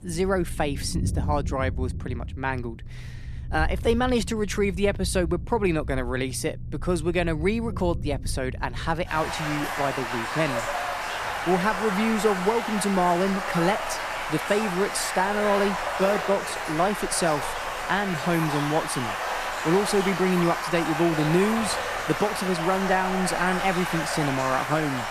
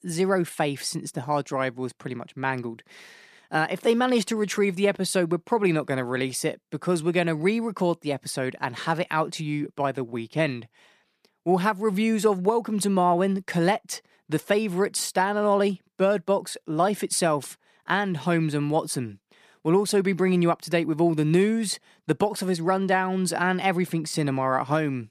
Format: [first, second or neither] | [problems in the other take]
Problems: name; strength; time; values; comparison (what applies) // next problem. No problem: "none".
second | rain or running water; loud; throughout; 4 dB below the speech